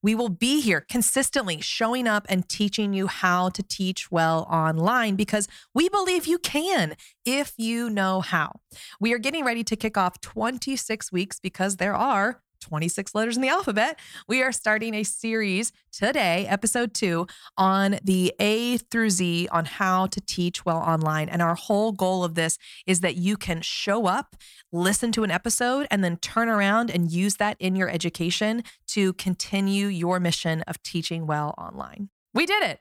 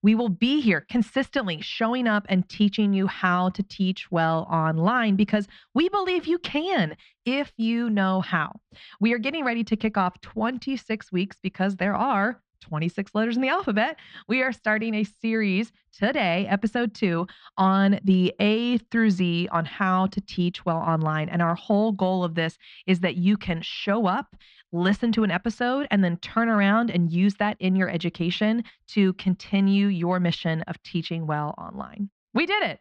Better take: first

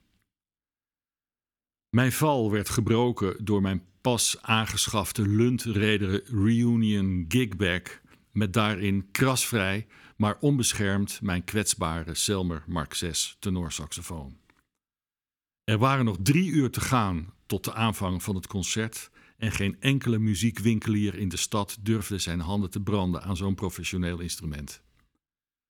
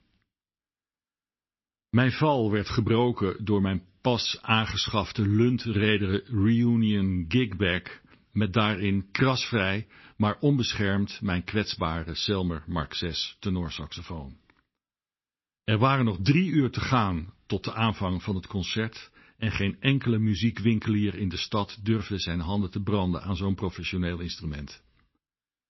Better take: first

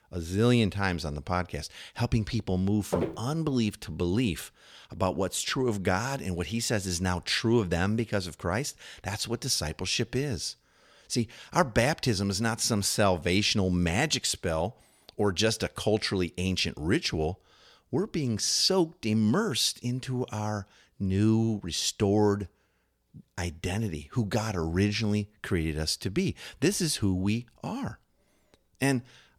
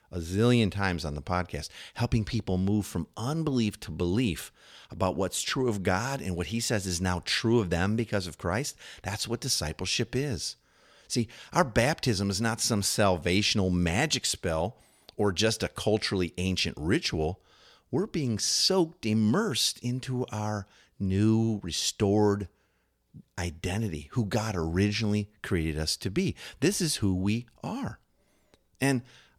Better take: second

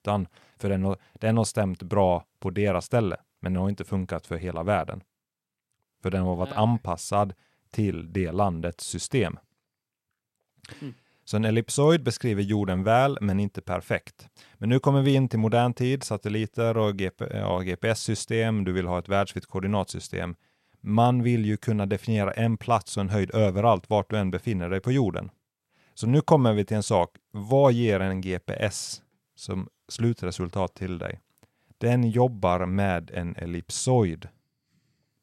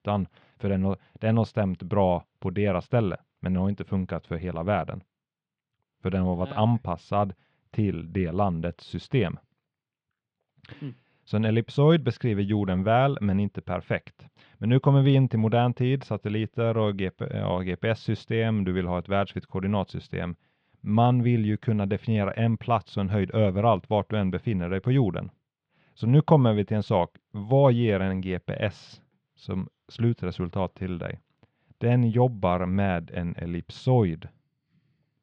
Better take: first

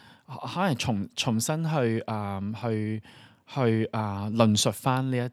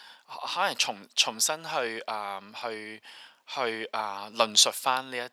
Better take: first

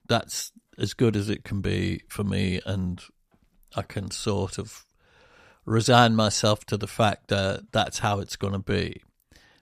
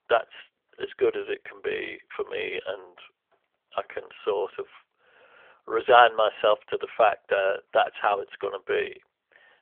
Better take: first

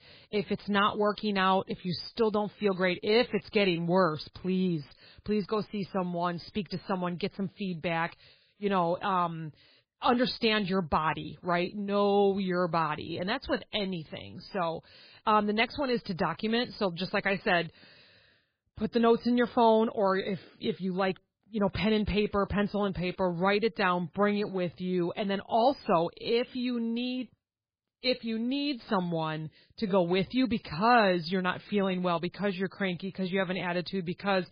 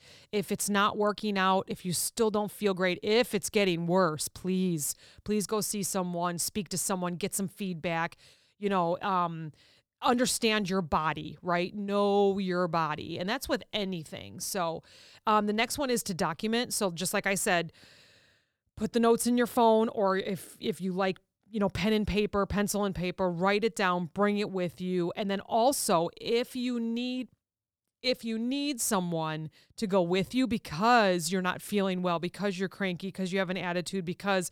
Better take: second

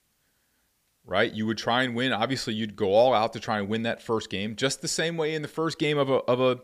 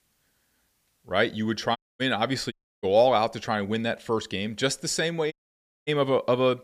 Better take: first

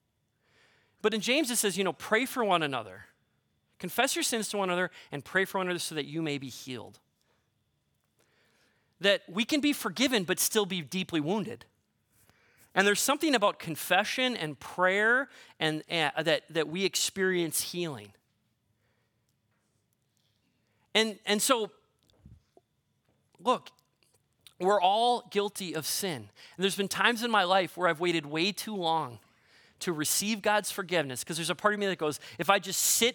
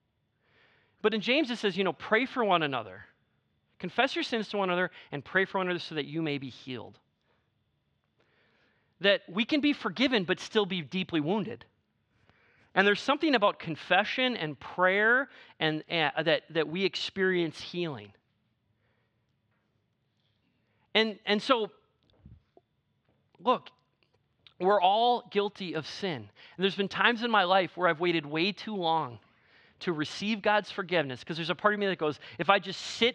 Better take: first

